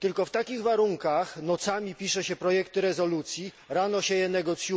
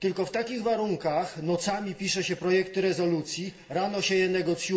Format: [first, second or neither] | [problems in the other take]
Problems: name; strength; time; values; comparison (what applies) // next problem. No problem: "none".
first | room echo; dies away in 1.2 s